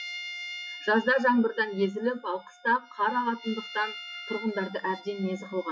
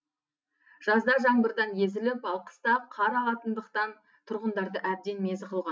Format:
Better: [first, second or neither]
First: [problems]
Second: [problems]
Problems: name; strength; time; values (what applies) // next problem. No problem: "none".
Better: second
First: noise reduction (classical method log-MMSE)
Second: none